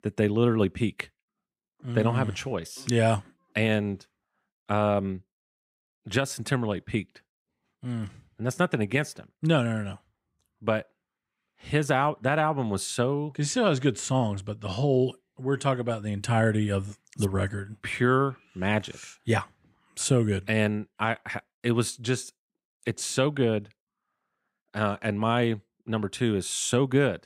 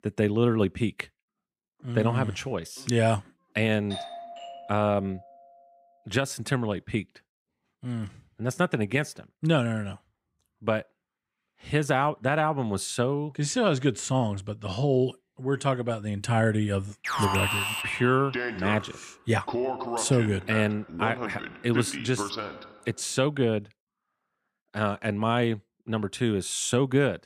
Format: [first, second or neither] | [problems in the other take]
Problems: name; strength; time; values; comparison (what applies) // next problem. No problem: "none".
first | doorbell; noticeable; from 4 to 5.5 s; peak 10 dB below the speech // alarm; loud; from 17 to 23 s; peak 1 dB above the speech